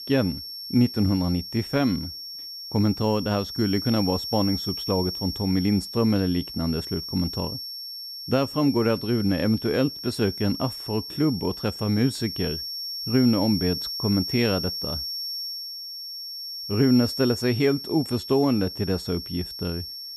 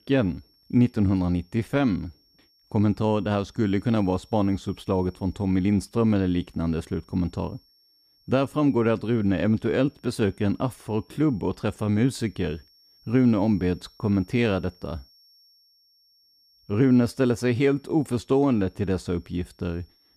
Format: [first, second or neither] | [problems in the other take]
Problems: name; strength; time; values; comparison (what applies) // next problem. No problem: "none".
second | high-pitched whine; loud; throughout; 5.5 kHz, 7 dB below the speech; faint in the second